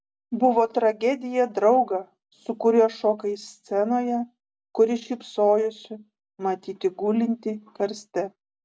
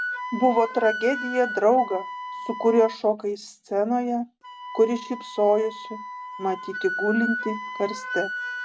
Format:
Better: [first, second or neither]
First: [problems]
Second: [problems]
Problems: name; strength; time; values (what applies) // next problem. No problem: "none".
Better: first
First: none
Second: background sound (Wind instrument, woodwind instrument); 9 dB below the speech